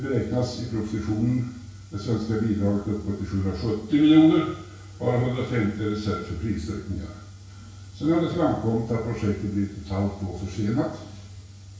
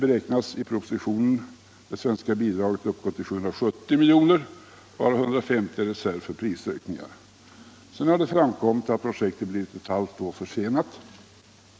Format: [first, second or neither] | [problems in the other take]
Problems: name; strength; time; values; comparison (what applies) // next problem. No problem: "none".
second | room echo; dies away in 0.6 s